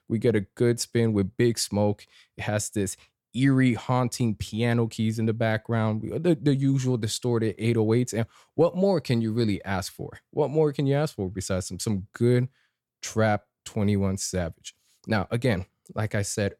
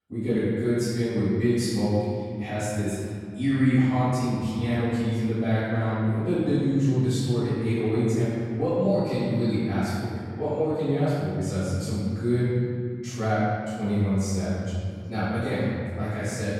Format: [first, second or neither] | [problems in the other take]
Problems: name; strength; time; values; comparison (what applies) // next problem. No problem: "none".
first | off-mic speech; far // room echo; strong; dies away in 2.4 s